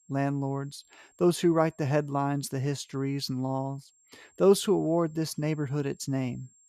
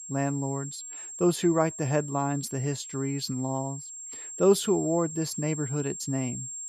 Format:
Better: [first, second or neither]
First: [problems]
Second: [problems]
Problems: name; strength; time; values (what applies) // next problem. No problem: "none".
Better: first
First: high-pitched whine; faint; throughout; 7.5 kHz, 35 dB below the speech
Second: high-pitched whine; loud; throughout; 7.5 kHz, 9 dB below the speech